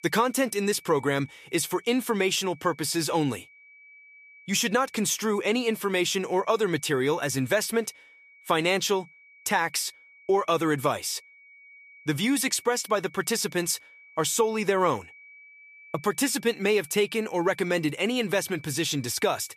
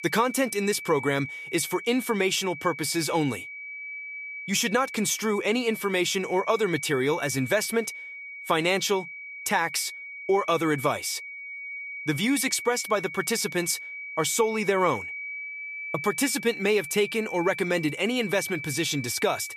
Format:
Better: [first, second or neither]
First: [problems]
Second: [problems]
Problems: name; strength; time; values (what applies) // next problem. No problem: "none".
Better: first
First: high-pitched whine; faint; throughout; 2.5 kHz, 25 dB below the speech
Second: high-pitched whine; loud; throughout; 2.5 kHz, 10 dB below the speech